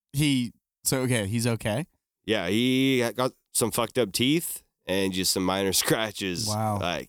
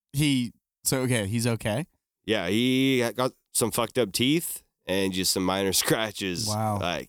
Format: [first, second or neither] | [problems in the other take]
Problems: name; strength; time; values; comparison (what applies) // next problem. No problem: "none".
neither | none